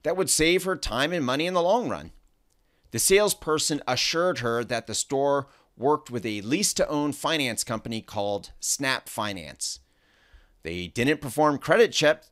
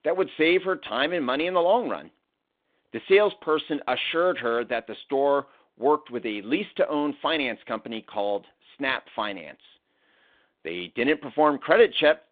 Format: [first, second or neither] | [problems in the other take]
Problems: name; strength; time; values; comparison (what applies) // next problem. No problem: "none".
first | phone-call audio; nothing above 3.5 kHz